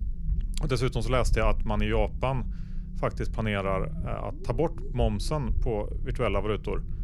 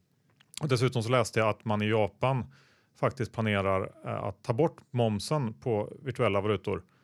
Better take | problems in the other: second | low rumble; faint; throughout; 20 dB below the speech

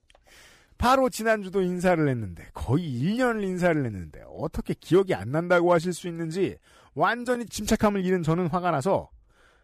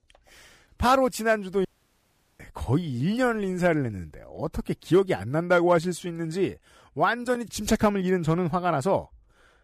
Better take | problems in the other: first | audio cutting out; at 1.5 s for 0.5 s

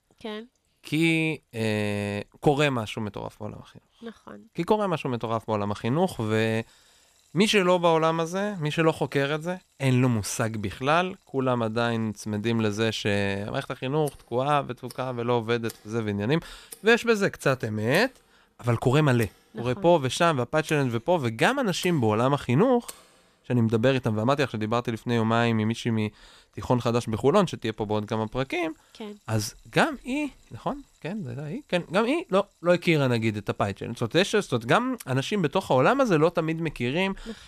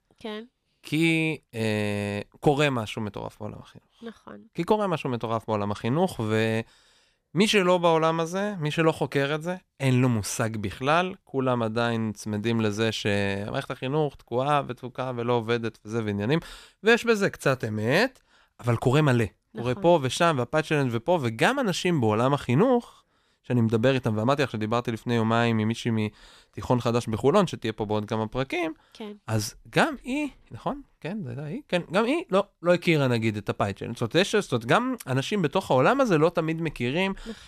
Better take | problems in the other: second | household noises; faint; throughout; 25 dB below the speech

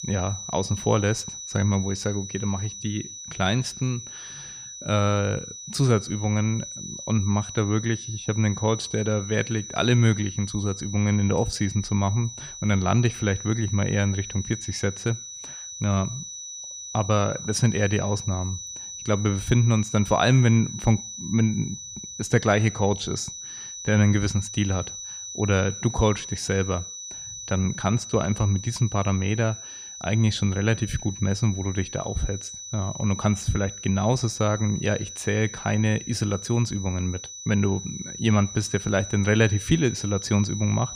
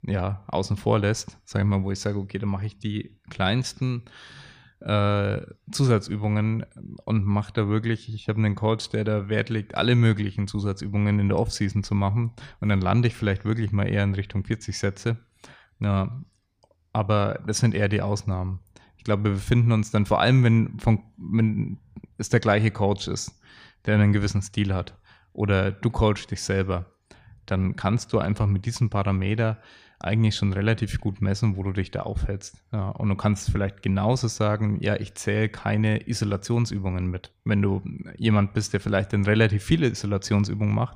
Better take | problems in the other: second | high-pitched whine; loud; throughout; 6 kHz, 10 dB below the speech

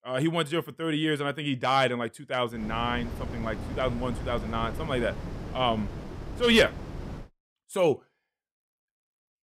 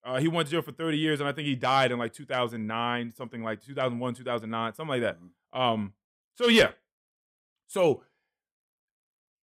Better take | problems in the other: second | wind noise on the microphone; occasional gusts; from 2.5 to 7 s; 15 dB below the speech

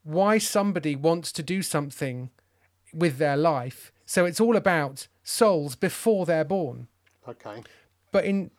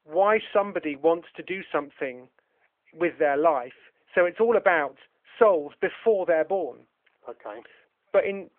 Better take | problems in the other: first | phone-call audio

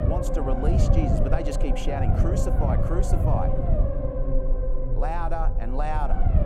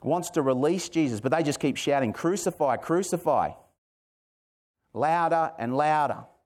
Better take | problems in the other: second | low rumble; loud; throughout; 1 dB below the speech

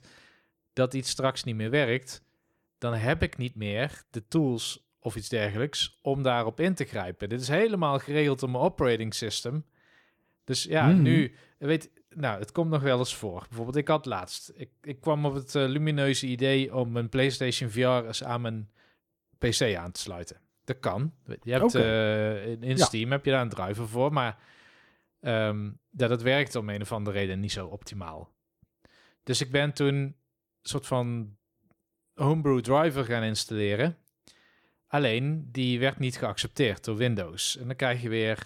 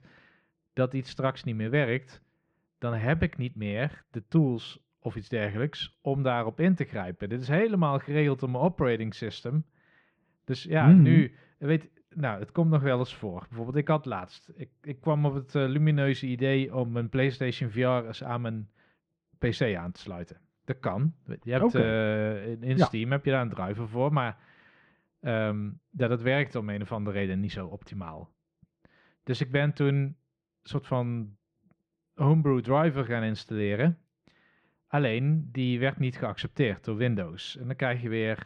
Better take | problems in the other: first | muffled; slightly; fading above 2.5 kHz

